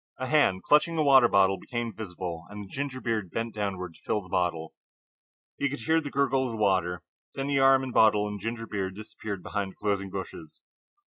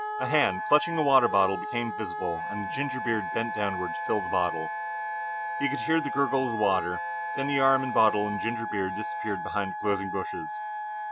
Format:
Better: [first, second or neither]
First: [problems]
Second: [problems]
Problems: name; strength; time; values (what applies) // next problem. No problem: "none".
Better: first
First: none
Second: background sound (Wind instrument, woodwind instrument); 4 dB below the speech